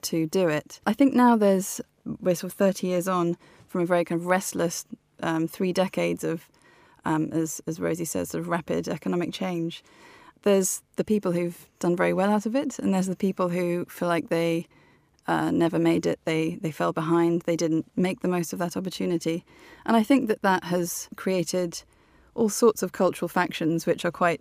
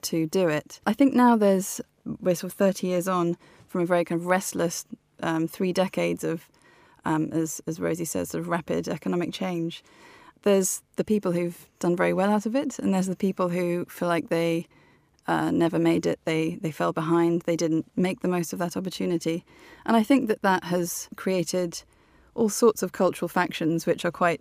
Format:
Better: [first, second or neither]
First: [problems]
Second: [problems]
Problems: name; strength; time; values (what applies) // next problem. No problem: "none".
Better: neither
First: none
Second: none